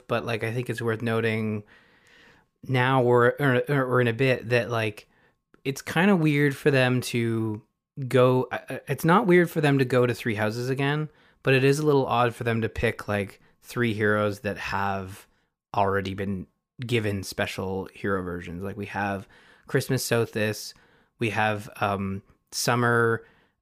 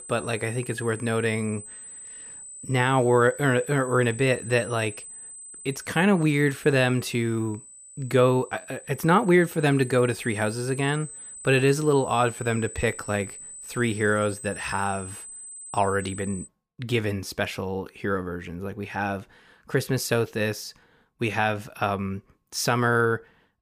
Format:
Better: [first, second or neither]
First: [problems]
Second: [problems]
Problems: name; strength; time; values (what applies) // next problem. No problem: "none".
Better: first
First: none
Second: high-pitched whine; noticeable; until 16 s; 8 kHz, 15 dB below the speech